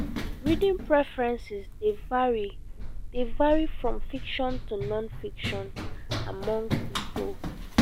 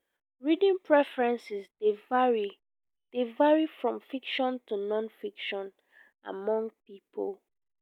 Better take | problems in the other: second | background sound (Run); 2 dB below the speech

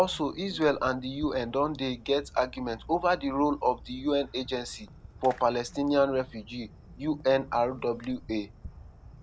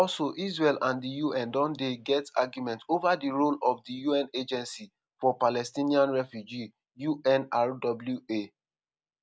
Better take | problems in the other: second | background sound (Fireworks); 19 dB below the speech

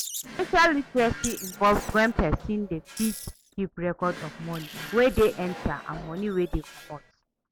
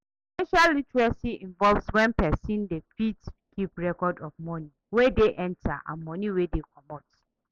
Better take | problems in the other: second | background sound (Wild animals + Drawer open or close); 14 dB below the speech

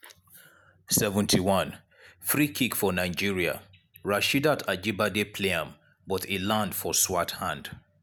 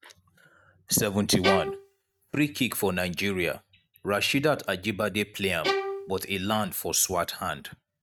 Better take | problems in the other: first | noise reduction (neural mask model RNNoise)

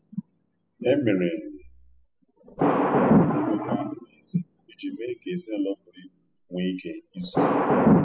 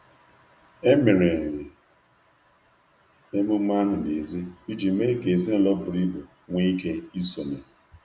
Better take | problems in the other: second | noise reduction (classical method spectral subtraction)

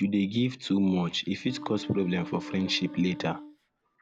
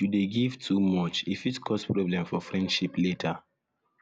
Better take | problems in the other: second | background sound (Wind instrument, woodwind instrument); 14 dB below the speech

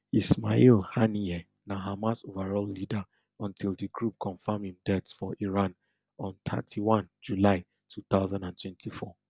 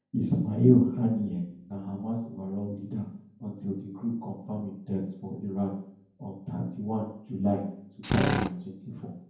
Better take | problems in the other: first | background sound (Drill); 1 dB above the speech // room echo; dies away in 0.9 s

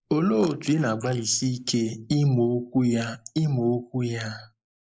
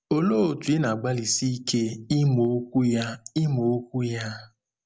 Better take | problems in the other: second | noise reduction (neural mask model Resemble Enhance denoiser)

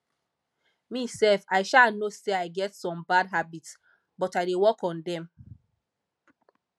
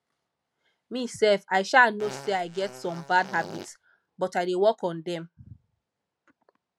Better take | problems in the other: first | background sound (Fart); 14 dB below the speech

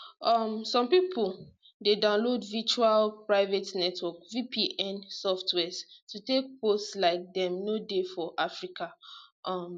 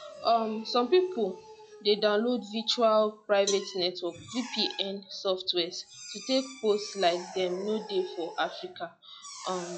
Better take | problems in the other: first | noise reduction (classical method log-MMSE)

